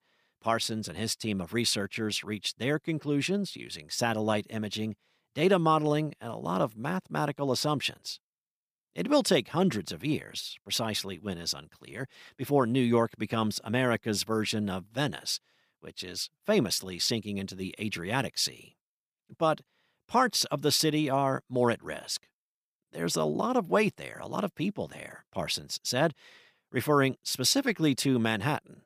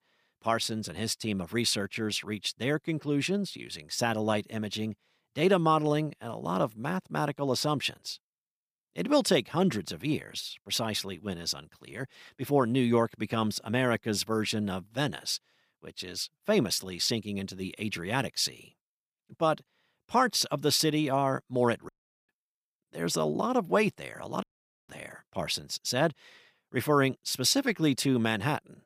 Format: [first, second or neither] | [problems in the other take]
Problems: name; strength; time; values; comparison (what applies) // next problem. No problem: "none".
first | audio cutting out; at 22 s and at 24 s